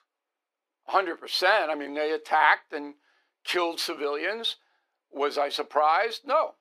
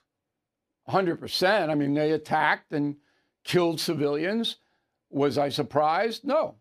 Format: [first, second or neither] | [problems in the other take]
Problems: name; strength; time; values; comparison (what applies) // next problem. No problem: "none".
second | thin; very; fading below 350 Hz